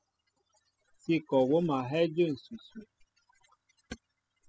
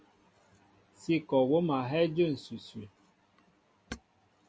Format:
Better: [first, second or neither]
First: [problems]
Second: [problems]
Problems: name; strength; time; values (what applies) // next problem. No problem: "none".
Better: second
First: noise reduction (classical method spectral subtraction)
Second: none